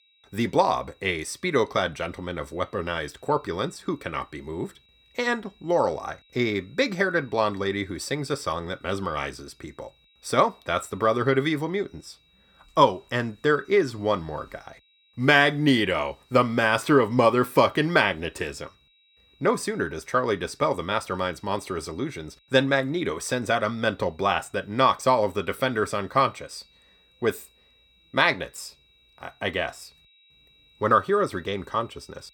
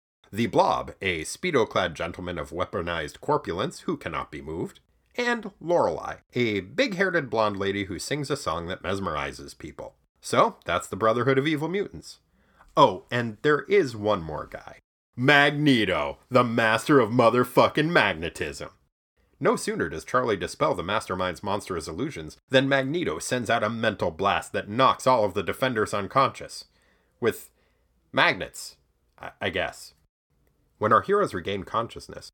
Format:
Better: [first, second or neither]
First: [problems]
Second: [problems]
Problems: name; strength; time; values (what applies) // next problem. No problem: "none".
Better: second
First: high-pitched whine; faint; throughout; 4 kHz, 35 dB below the speech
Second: none